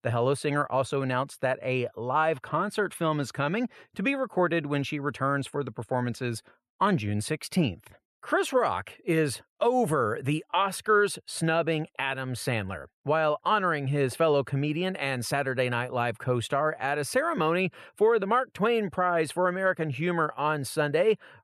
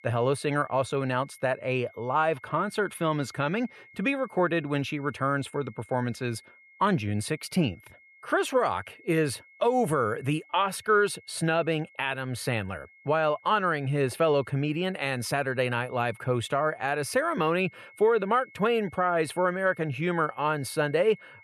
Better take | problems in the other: first | high-pitched whine; faint; throughout; 2 kHz, 25 dB below the speech

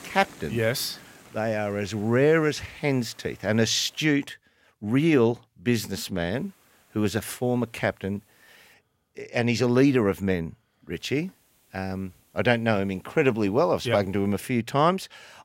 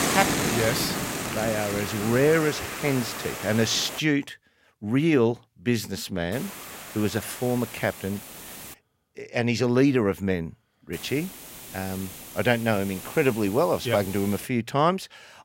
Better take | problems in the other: first | hiss; loud; until 4 s, from 6.5 to 8.5 s and from 11 to 14 s; 7 dB below the speech; faint in the first

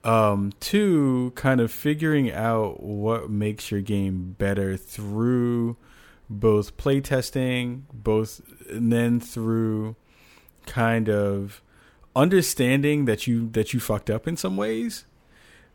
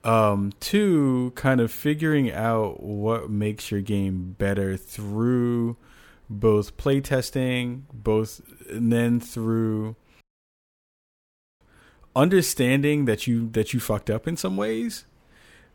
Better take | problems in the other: first | audio cutting out; at 10 s for 1.5 s

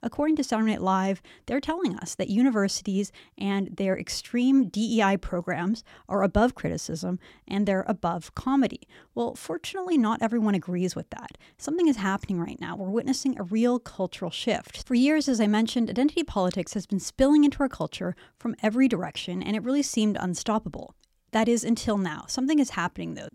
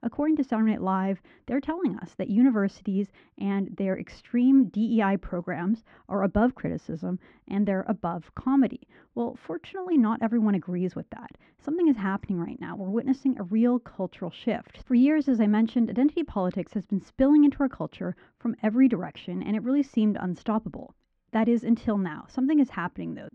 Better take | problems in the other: first | muffled; very; fading above 2 kHz

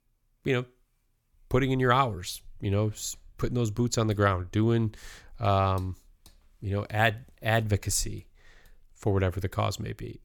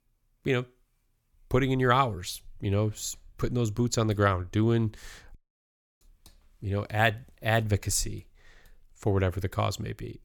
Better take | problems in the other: first | audio cutting out; at 5.5 s for 0.5 s

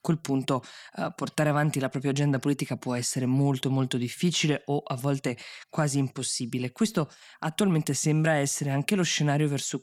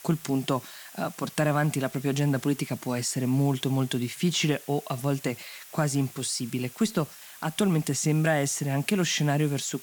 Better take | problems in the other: first | hiss; noticeable; throughout; 15 dB below the speech

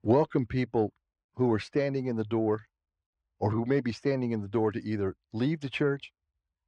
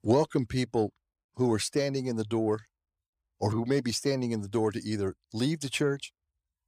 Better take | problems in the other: second | muffled; slightly; fading above 2 kHz

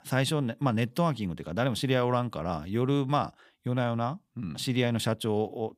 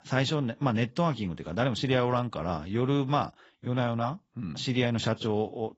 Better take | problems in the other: first | garbled, watery; badly; nothing above 7.5 kHz

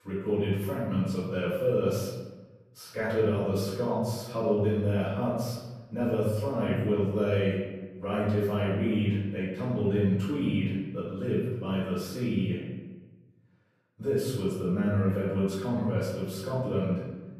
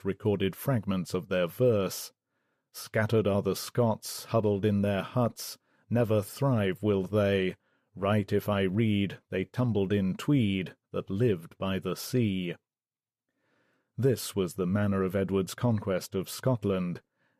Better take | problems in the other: second | off-mic speech; far // room echo; noticeable; dies away in 1.2 s

